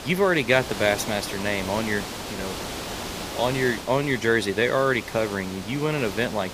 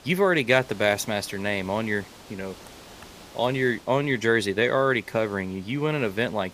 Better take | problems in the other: second | hiss; loud; throughout; 9 dB below the speech; faint in the second

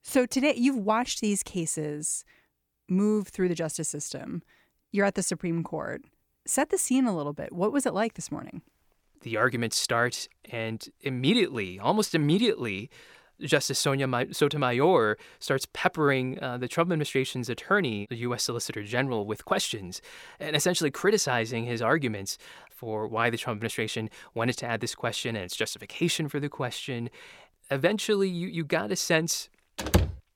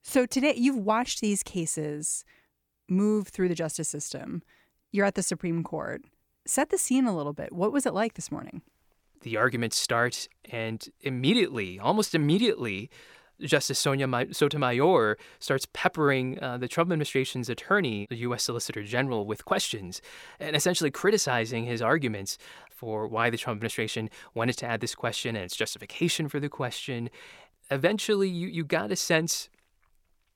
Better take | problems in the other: second | door banging; loud; at 30 s; peak 2 dB above the speech

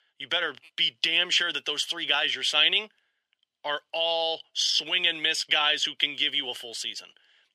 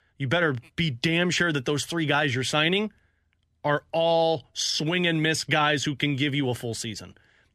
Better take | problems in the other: second | thin; very; fading below 550 Hz

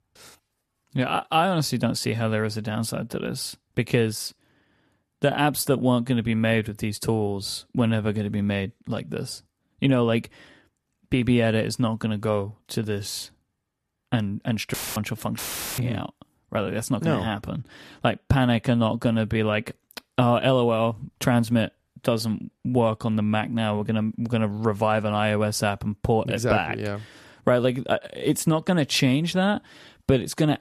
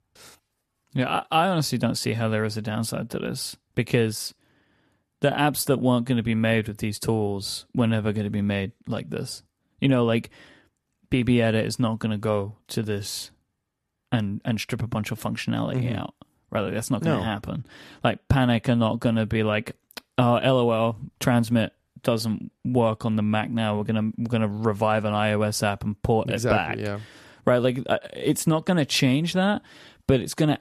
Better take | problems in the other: second | audio cutting out; filled with static; at 15 s

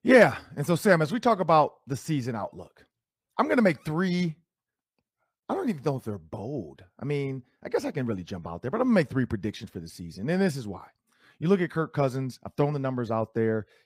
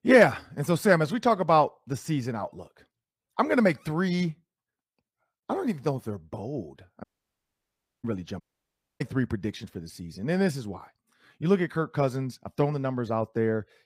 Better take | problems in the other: first | audio cutting out; at 7 s for 1 s and at 8.5 s for 0.5 s

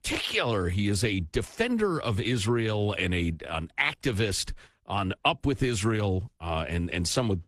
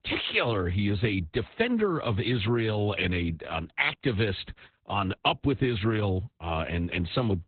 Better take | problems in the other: first | garbled, watery; badly; nothing above 4 kHz; slightly in the first

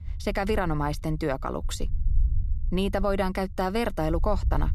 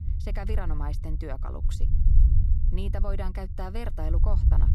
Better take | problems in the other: first | low rumble; loud; throughout; 7 dB below the speech; faint in the first

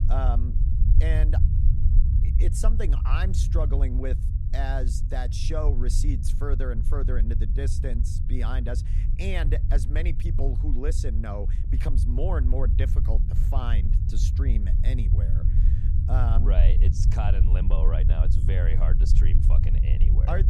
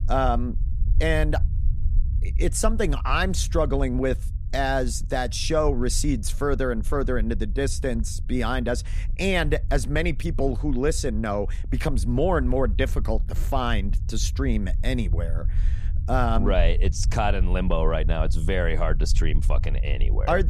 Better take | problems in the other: second | low rumble; loud; throughout; 6 dB below the speech; faint in the second

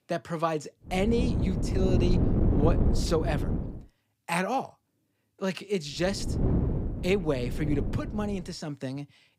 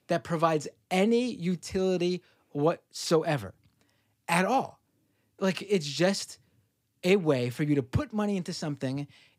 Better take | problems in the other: second | wind noise on the microphone; heavy; from 1 to 3.5 s and from 6 to 8.5 s; 5 dB below the speech

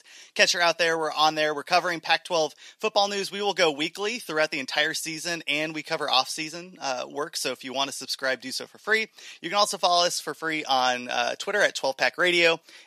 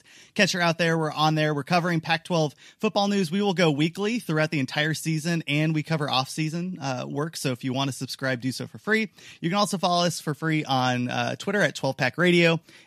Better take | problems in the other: second | thin; very; fading below 550 Hz

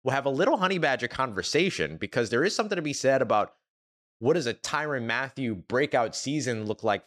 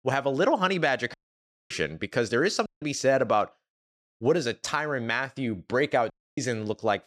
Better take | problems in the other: first | audio cutting out; at 1 s for 0.5 s, at 2.5 s and at 6 s

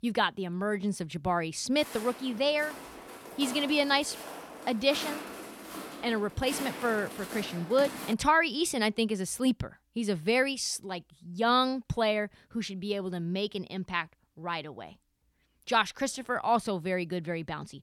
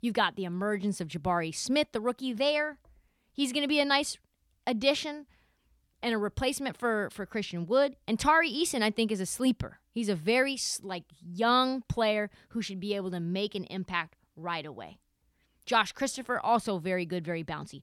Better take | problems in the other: second | footsteps; noticeable; from 2 to 8 s; peak 7 dB below the speech

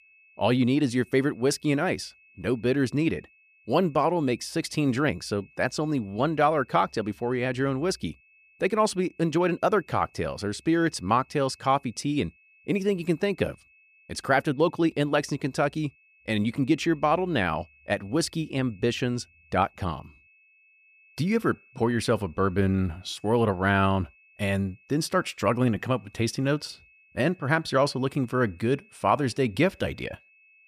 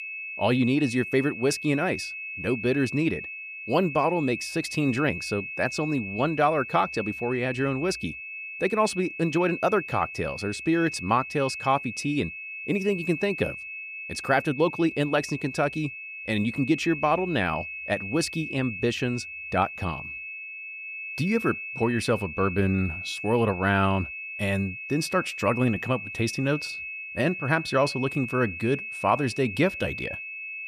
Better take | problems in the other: first | high-pitched whine; loud; throughout; 2.5 kHz, 8 dB below the speech; faint in the first

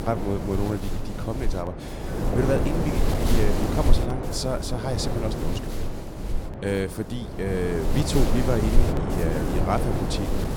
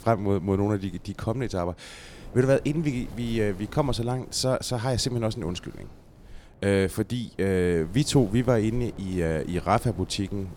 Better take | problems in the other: second | wind noise on the microphone; heavy; 2 dB below the speech; occasional gusts in the second

